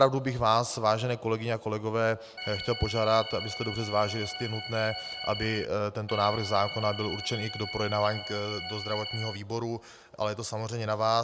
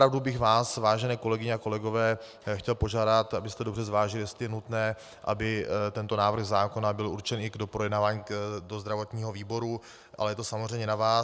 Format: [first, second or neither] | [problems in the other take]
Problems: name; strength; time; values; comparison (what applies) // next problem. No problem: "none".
second | background sound (Organ); 9 dB below the speech